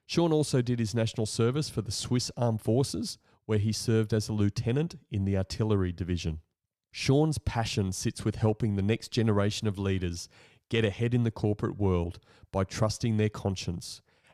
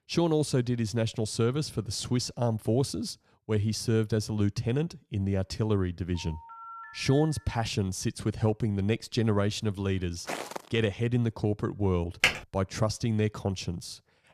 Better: first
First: none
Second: phone ringing; faint; from 6 to 7.5 s; peak 15 dB below the speech // footsteps; noticeable; at 10 s; peak 7 dB below the speech // keyboard typing; loud; at 12 s; peak 4 dB above the speech

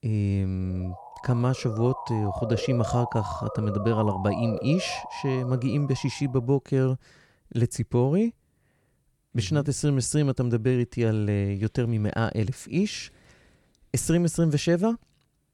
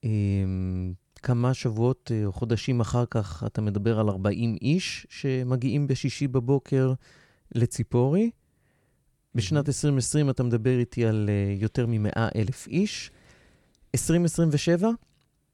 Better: second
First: siren; noticeable; from 1 to 6.5 s; peak 6 dB below the speech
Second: none

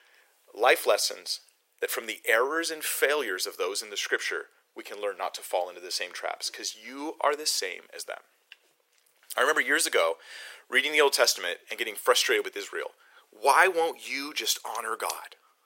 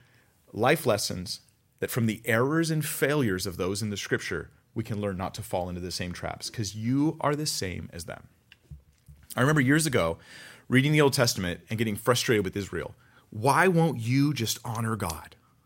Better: second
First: thin; very; fading below 400 Hz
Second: none

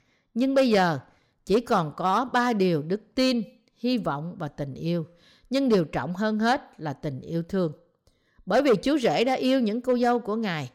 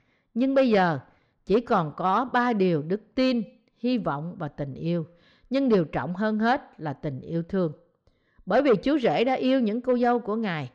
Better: first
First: none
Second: muffled; very slightly; fading above 3 kHz

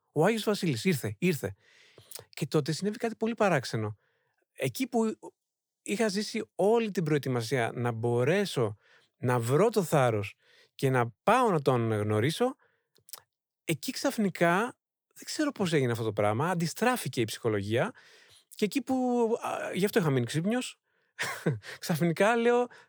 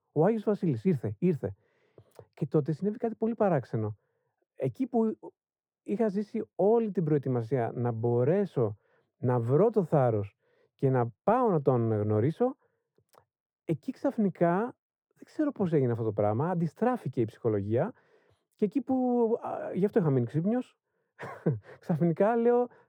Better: first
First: none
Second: muffled; very; fading above 1.5 kHz

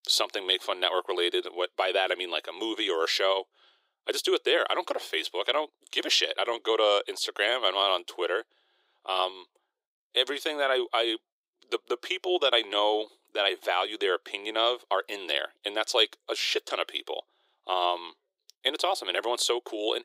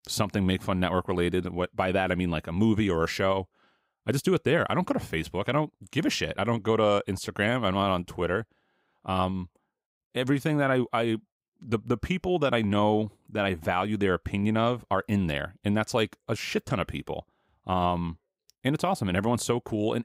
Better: second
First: thin; very; fading below 350 Hz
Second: none

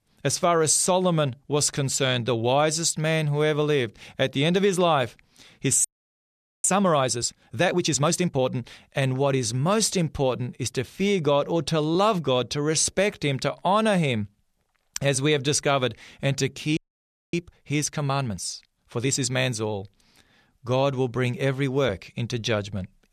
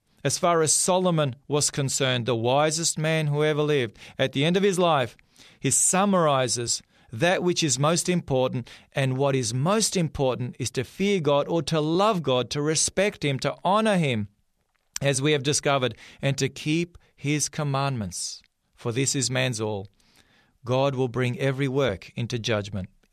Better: second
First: audio freezing; at 6 s for 1 s and at 17 s for 0.5 s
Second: none

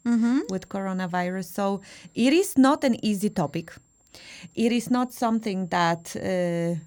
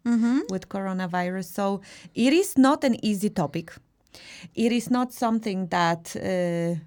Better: second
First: high-pitched whine; faint; throughout; 7.5 kHz, 35 dB below the speech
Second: none

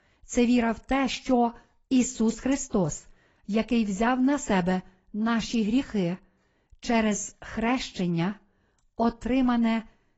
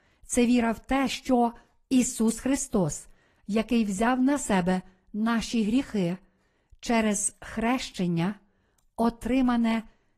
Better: second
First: garbled, watery; badly; nothing above 7.5 kHz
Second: garbled, watery; slightly; nothing above 14.5 kHz

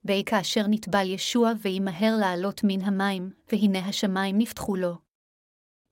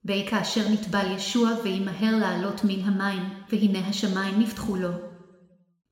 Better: first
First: none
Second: room echo; slight; dies away in 1.1 s

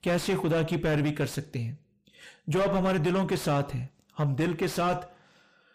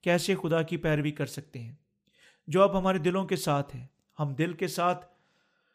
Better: second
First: distortion; heavy; 5 dB below the speech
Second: none

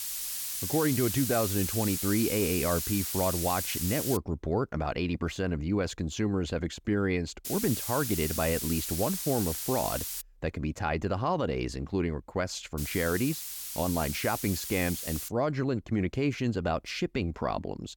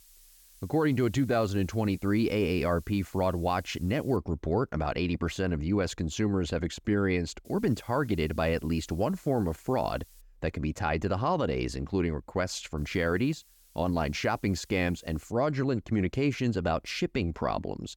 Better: second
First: hiss; loud; until 4 s, from 7.5 to 10 s and from 13 to 15 s; 2 dB below the speech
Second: hiss; faint; until 4 s, from 7.5 to 10 s and from 13 to 15 s; 25 dB below the speech

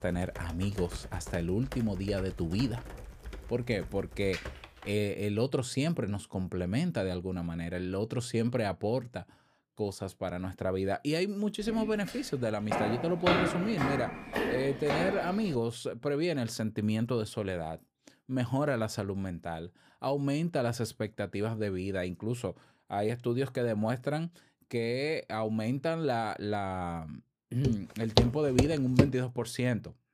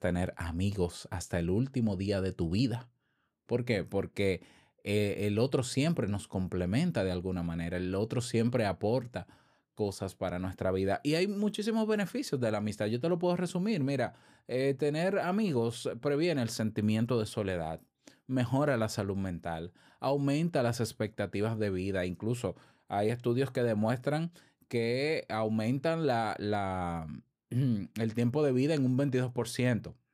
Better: second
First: keyboard typing; noticeable; until 5 s; peak 8 dB below the speech // footsteps; loud; from 12 to 15 s and from 28 to 29 s; peak 5 dB above the speech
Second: none

